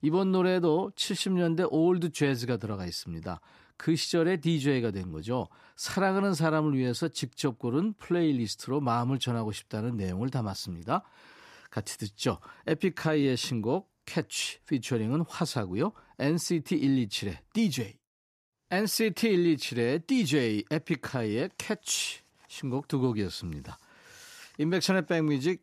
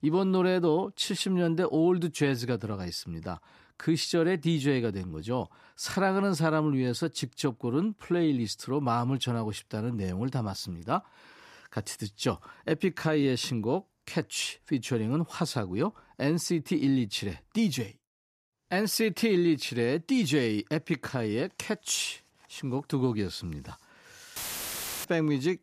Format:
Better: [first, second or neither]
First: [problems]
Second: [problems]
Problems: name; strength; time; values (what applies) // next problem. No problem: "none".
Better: first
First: none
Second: audio cutting out; filled with static; at 24 s for 0.5 s